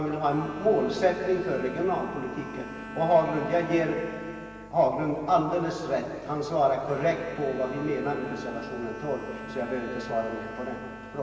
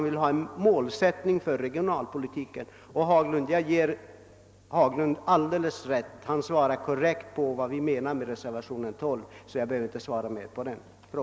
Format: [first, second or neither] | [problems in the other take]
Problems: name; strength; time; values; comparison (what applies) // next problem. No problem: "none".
second | background sound (Bowed string instrument); 14 dB below the speech // room echo; dies away in 2.5 s